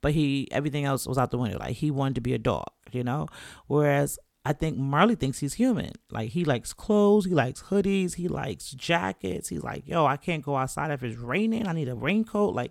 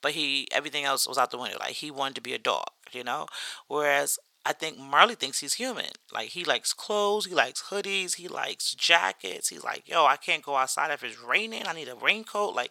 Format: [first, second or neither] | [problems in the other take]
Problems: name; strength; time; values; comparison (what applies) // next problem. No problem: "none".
first | thin; very; fading below 750 Hz